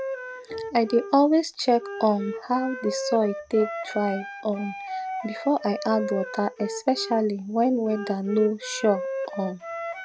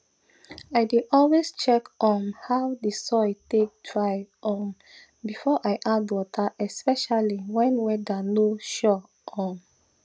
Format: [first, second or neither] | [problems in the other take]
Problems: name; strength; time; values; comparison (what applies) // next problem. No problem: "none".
second | background sound (Wind instrument, woodwind instrument); 9 dB below the speech